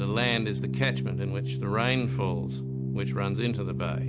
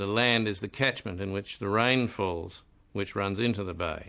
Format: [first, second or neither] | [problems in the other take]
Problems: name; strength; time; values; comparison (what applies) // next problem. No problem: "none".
second | background sound (Organ); 1 dB above the speech